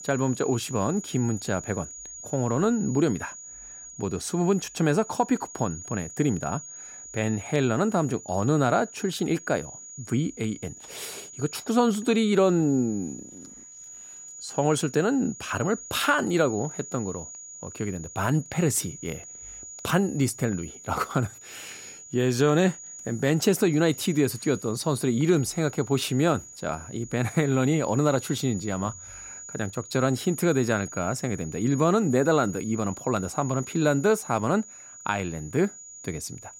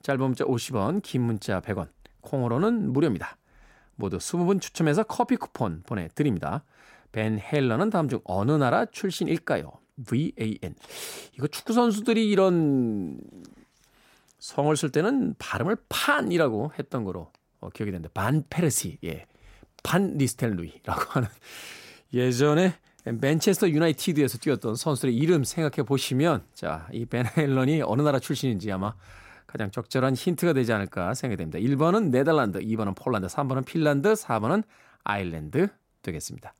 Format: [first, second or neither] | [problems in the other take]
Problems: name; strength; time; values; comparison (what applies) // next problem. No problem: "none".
second | high-pitched whine; noticeable; throughout; 7 kHz, 15 dB below the speech